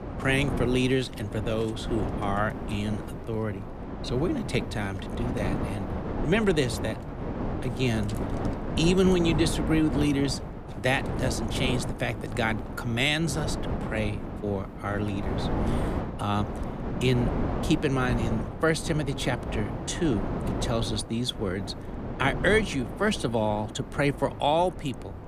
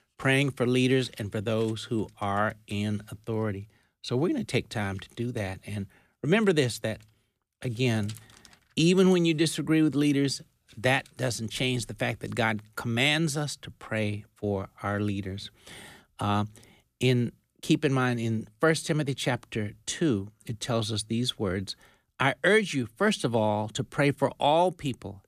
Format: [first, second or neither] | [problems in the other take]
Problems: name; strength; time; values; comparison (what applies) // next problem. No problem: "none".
second | wind noise on the microphone; heavy; 8 dB below the speech